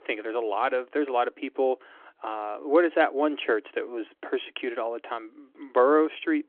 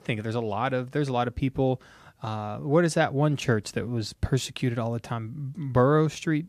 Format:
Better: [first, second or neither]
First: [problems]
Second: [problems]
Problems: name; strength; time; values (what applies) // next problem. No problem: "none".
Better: second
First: phone-call audio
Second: none